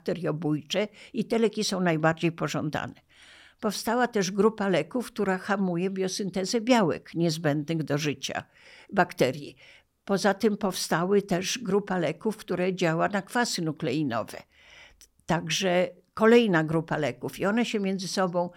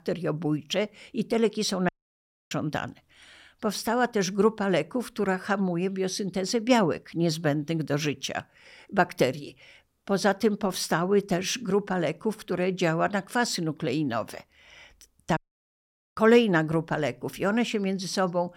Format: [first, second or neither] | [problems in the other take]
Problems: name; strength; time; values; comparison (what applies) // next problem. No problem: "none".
first | audio cutting out; at 2 s for 0.5 s and at 15 s for 1 s